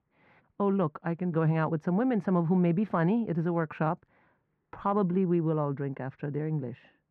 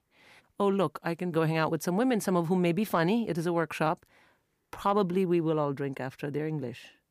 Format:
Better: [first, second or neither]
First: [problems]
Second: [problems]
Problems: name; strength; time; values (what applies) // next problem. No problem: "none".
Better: second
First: muffled; very; fading above 1.5 kHz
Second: none